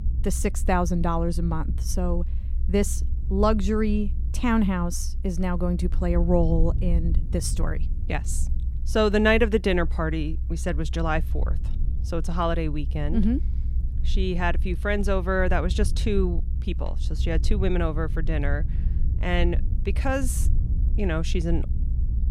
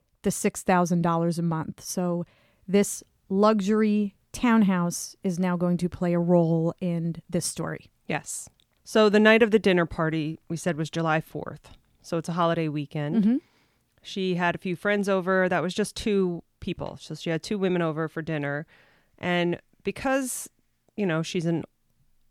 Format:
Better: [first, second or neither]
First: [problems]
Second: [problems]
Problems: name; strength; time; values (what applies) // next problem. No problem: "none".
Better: second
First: low rumble; noticeable; throughout; 20 dB below the speech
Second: none